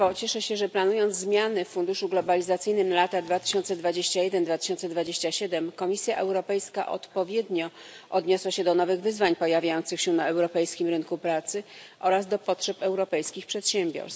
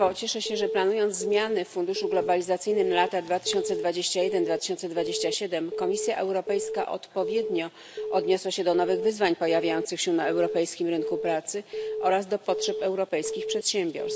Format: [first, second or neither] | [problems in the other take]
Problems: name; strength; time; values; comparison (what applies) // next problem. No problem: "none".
first | background sound (Alarm / Keyboard (musical)); 7 dB below the speech